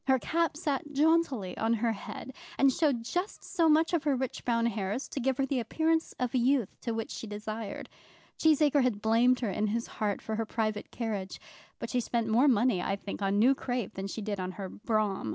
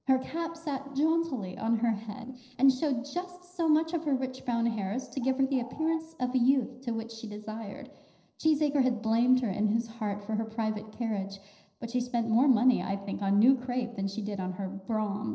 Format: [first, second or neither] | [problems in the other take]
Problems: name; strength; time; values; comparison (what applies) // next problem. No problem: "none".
first | noise reduction (neural separator model SepFormer DNS4)